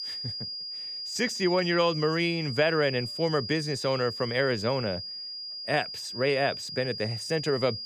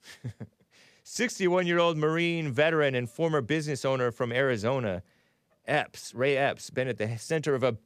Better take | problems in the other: second | high-pitched whine; loud; throughout; 5 kHz, 7 dB below the speech

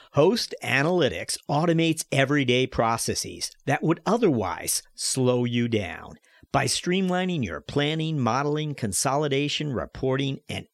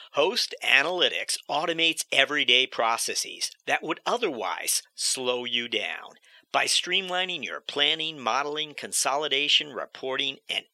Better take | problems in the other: first | thin; very; fading below 550 Hz

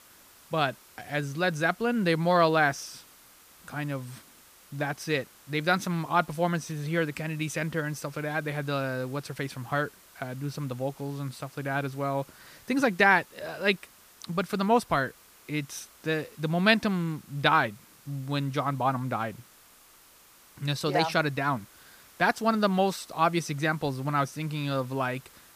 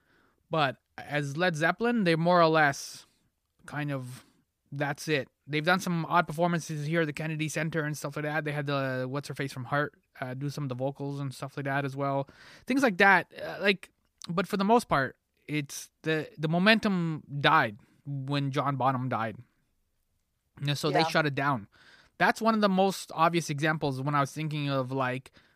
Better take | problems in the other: second | hiss; faint; throughout; 25 dB below the speech

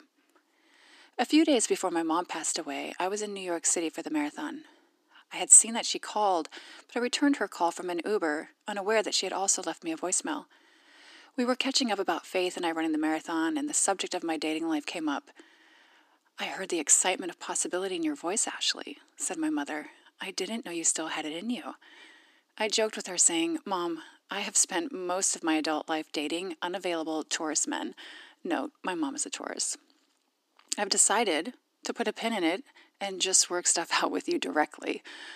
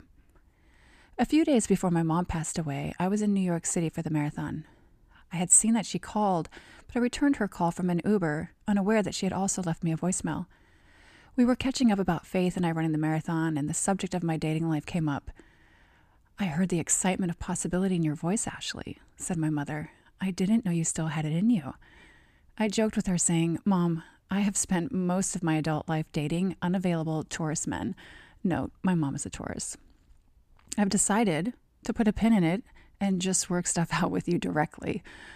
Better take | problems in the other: second | thin; somewhat; fading below 300 Hz

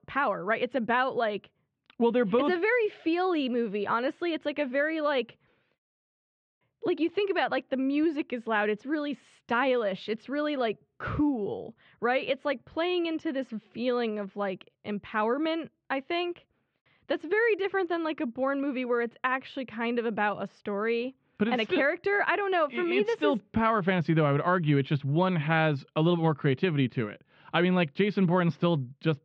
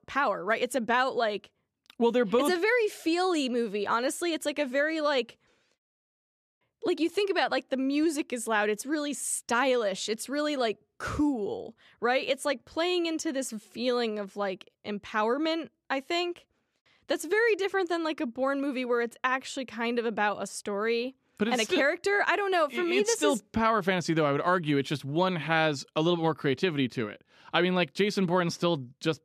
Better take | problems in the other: second | muffled; slightly; fading above 3 kHz

